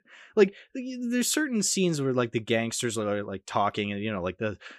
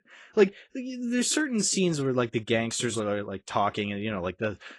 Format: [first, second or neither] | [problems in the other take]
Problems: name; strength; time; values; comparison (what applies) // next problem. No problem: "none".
first | garbled, watery; slightly; nothing above 11 kHz